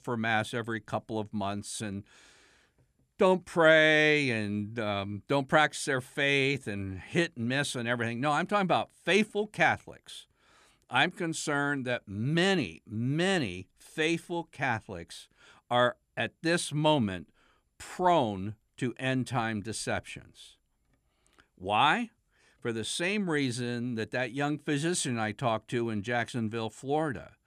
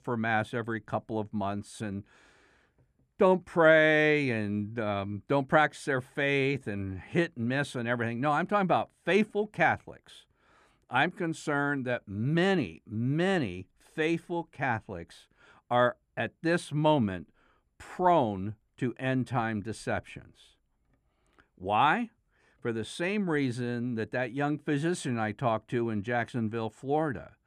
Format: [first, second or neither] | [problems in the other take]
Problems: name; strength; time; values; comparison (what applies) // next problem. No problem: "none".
first | muffled; slightly; fading above 2.5 kHz